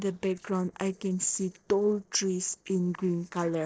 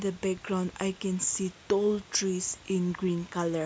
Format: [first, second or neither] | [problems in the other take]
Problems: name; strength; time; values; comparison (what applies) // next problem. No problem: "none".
second | noise reduction (neural separator model SepFormer DNS4)